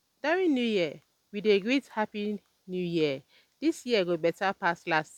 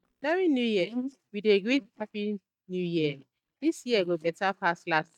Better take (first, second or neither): first